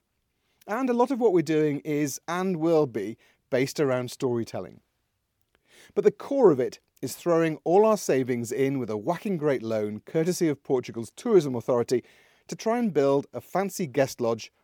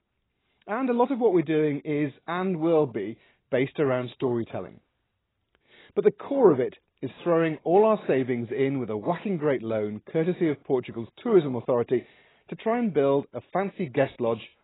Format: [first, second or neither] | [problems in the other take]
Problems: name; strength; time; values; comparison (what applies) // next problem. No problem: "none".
first | garbled, watery; badly; nothing above 4 kHz